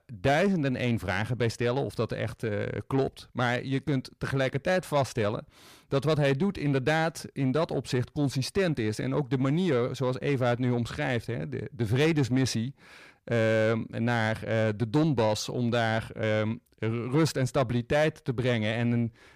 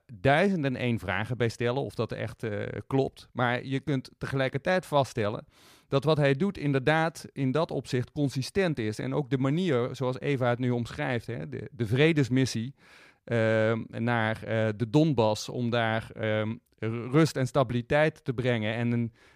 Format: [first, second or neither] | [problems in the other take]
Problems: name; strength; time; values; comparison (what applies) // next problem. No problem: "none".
second | distortion; slight; 10 dB below the speech